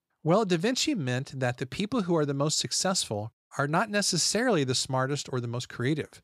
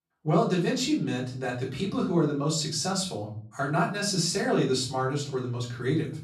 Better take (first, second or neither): first